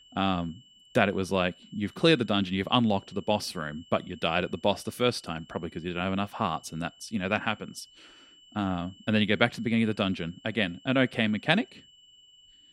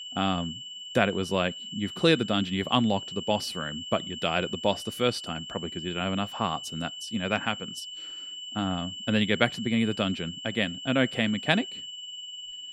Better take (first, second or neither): first